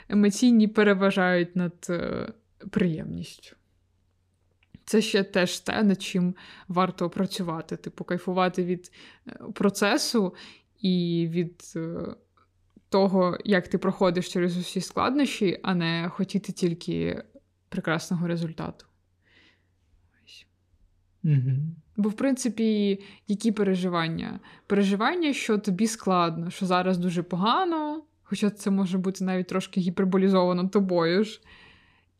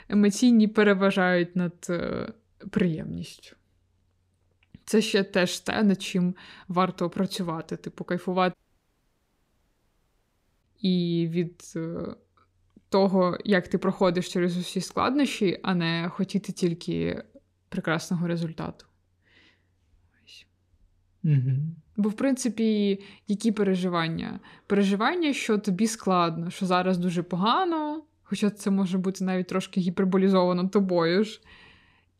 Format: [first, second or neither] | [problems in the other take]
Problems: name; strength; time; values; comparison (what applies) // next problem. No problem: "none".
first | audio cutting out; at 8.5 s for 2 s